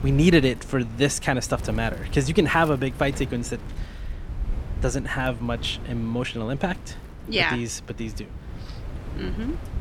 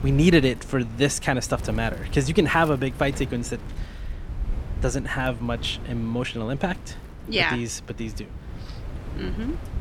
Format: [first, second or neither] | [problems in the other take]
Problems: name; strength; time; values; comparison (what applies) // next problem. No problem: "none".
neither | wind noise on the microphone; occasional gusts; 20 dB below the speech; the same in both